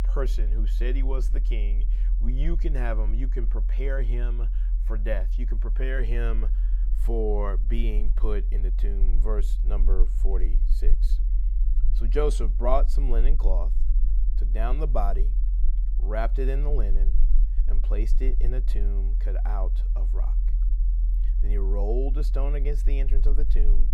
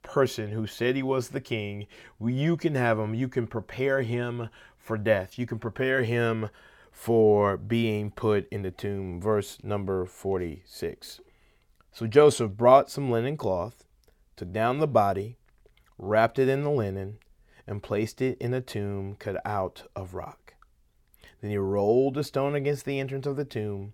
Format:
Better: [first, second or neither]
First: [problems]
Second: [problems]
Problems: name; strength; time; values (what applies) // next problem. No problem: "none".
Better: second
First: low rumble; noticeable; throughout; 15 dB below the speech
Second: none